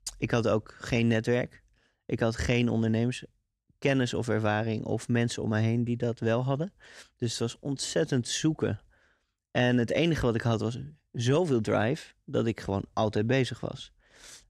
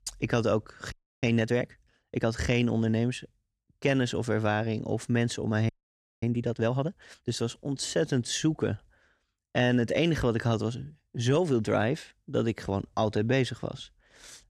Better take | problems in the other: first | audio freezing; at 1 s and at 5.5 s for 0.5 s

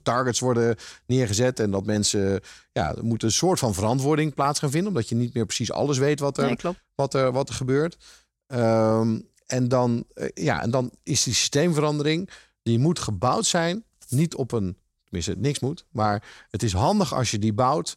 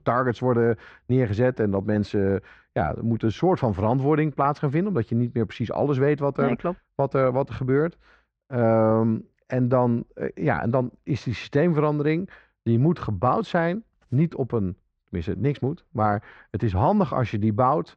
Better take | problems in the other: first | muffled; very; fading above 2 kHz

